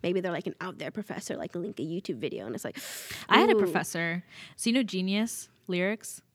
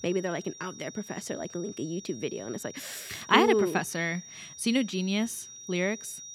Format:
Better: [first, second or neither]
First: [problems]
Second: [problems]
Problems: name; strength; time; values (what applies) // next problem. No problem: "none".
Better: first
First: none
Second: high-pitched whine; noticeable; throughout; 5.5 kHz, 15 dB below the speech